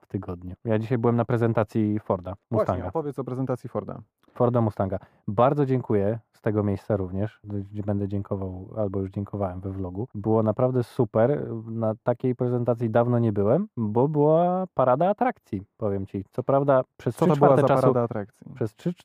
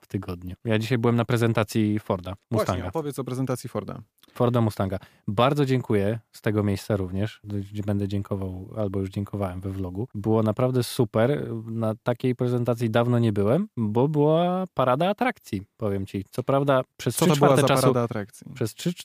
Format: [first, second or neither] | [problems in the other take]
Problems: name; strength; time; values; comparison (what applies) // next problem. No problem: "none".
second | muffled; very; fading above 2 kHz